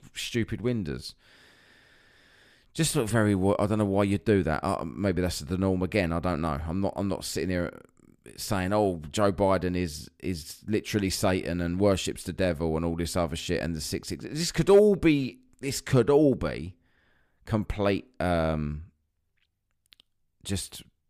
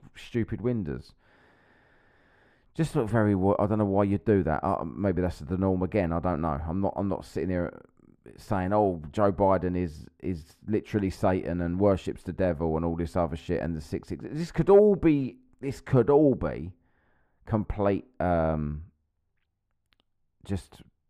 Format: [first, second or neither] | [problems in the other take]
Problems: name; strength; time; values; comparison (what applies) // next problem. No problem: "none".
first | muffled; very; fading above 2.5 kHz